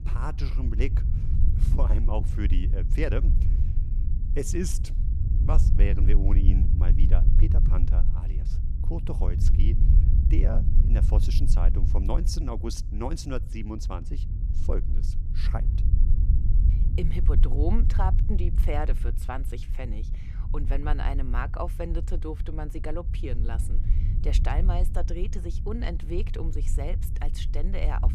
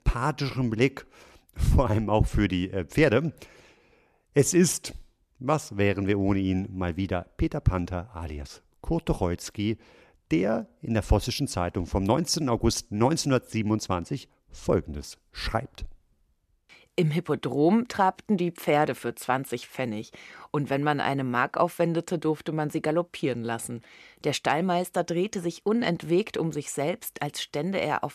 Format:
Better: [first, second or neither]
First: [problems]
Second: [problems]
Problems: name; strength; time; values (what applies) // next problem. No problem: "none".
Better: second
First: low rumble; loud; throughout; 7 dB below the speech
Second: none